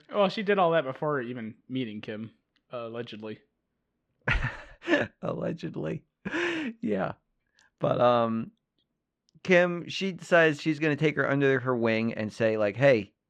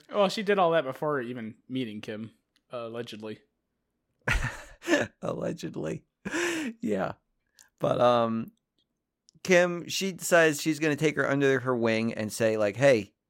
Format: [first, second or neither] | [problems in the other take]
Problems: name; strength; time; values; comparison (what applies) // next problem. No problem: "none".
second | muffled; slightly; fading above 3 kHz